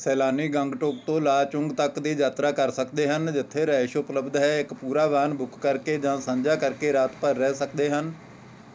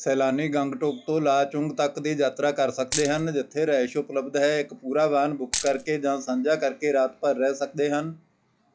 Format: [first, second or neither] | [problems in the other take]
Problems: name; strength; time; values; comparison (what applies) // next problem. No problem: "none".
first | noise reduction (classical method log-MMSE)